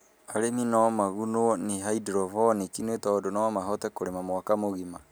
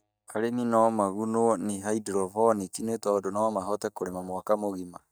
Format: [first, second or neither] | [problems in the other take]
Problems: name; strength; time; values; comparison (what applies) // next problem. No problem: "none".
first | noise reduction (neural mask model DeepFilterNet 3)